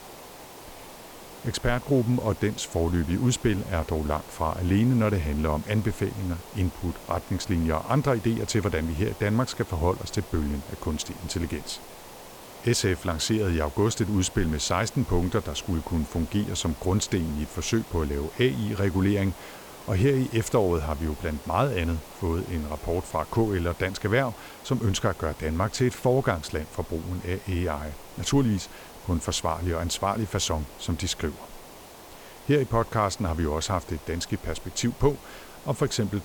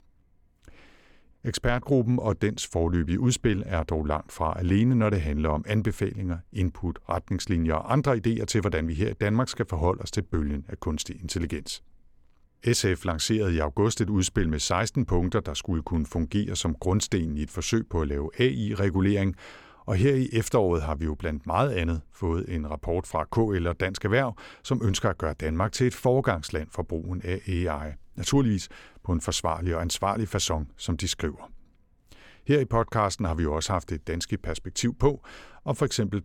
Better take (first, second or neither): second